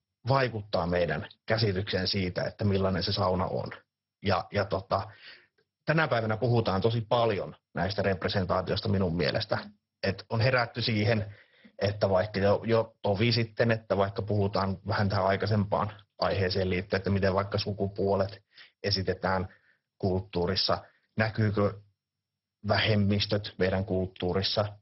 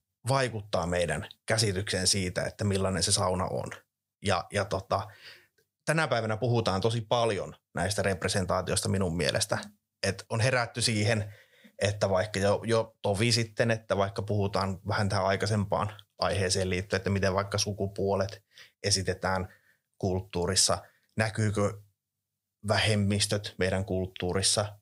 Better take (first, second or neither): second